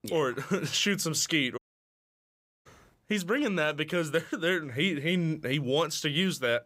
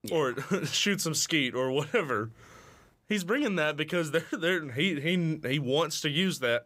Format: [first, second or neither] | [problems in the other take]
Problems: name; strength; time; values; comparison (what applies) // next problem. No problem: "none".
second | audio cutting out; at 1.5 s for 1 s